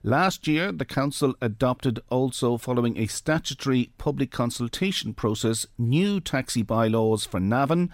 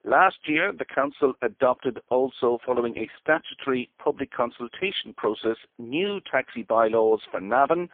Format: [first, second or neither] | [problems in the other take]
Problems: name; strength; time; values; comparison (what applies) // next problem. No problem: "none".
first | phone-call audio; poor line; nothing above 3.5 kHz